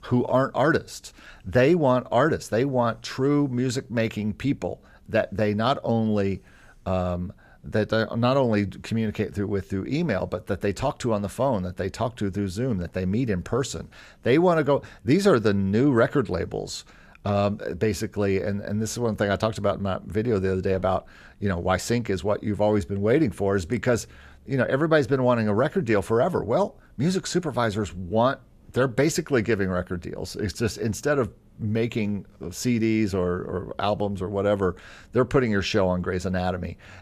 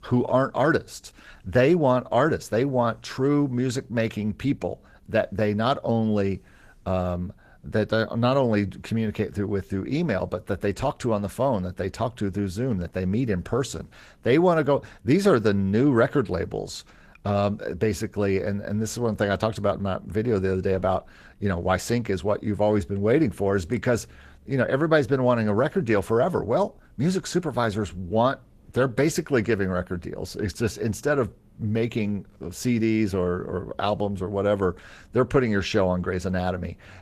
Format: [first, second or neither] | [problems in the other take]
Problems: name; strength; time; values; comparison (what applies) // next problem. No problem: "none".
first | garbled, watery; slightly; nothing above 14.5 kHz